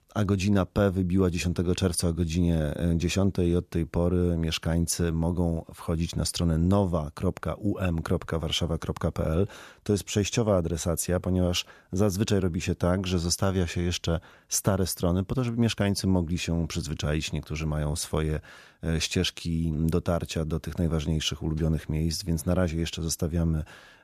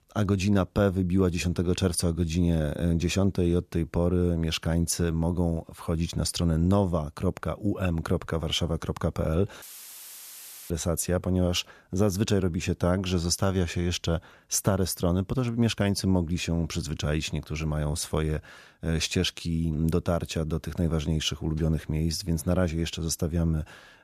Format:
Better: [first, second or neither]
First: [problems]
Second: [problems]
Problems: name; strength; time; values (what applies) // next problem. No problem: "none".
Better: first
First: none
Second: audio cutting out; filled with static; at 9.5 s for 1 s